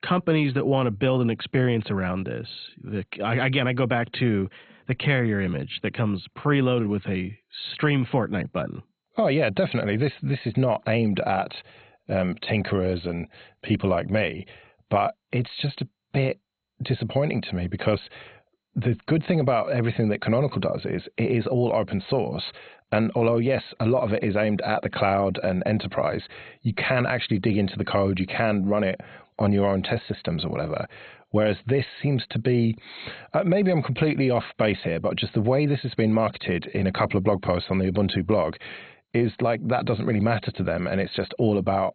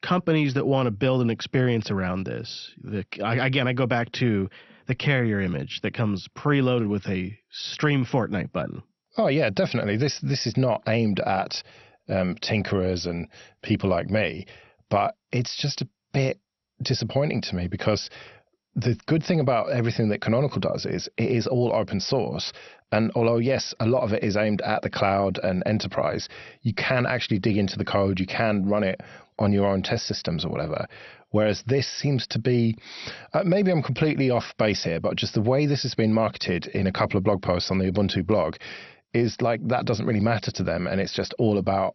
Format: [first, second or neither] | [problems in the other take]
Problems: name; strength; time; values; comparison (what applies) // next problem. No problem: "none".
second | garbled, watery; badly; nothing above 4 kHz; slightly in the second